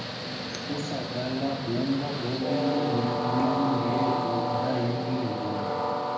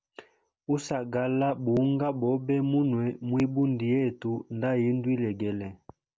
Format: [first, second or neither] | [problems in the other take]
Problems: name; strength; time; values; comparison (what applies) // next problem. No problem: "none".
second | background sound (Train); 1 dB above the speech // room echo; dies away in 0.8 s